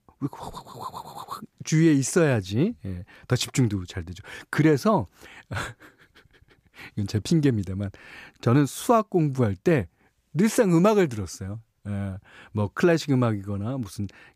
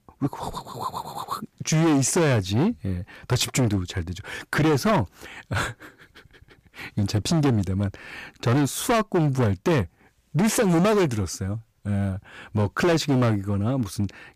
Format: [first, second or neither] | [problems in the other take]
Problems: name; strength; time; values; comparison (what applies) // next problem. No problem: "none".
first | distortion; heavy; 12% of the sound clipped